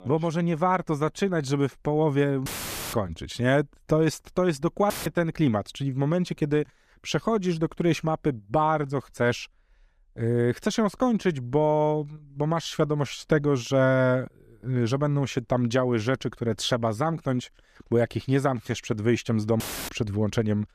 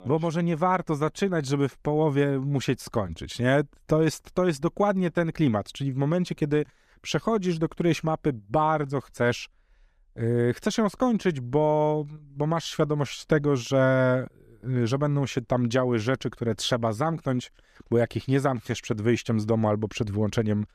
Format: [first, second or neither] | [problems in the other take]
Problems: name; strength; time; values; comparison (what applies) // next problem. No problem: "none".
second | audio cutting out; filled with static; at 2.5 s, at 5 s and at 20 s